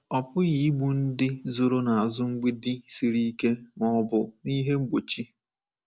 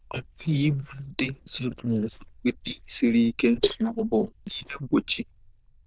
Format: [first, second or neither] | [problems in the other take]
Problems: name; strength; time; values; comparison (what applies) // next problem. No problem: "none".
first | noise reduction (neural diffusion model UNIVERSE++)